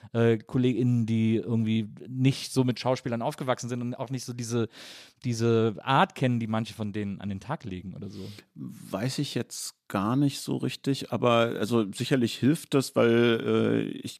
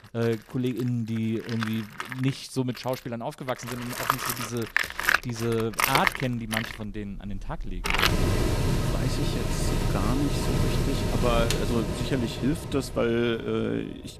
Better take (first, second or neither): first